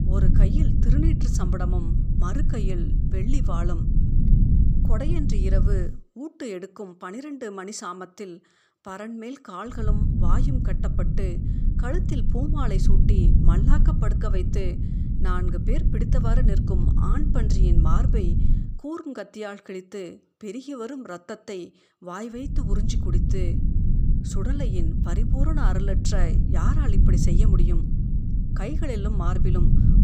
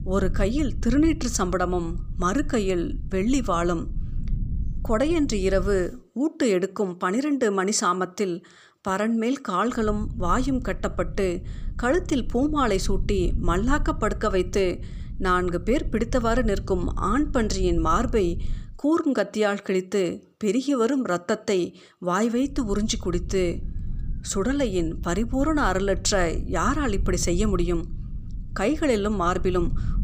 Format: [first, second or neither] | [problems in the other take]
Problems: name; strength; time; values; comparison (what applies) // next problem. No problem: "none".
second | low rumble; loud; until 6 s, from 10 to 19 s and from 22 s on; 2 dB below the speech; faint in the second